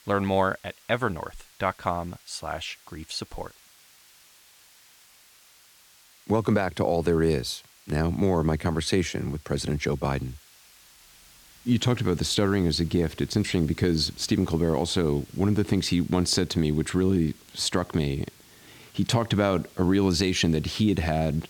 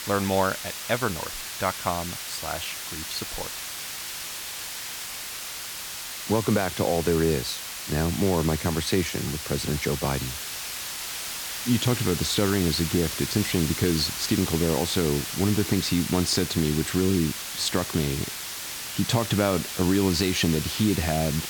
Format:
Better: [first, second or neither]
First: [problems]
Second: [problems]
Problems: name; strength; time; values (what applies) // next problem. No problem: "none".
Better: first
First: hiss; faint; throughout; 25 dB below the speech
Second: hiss; loud; throughout; 6 dB below the speech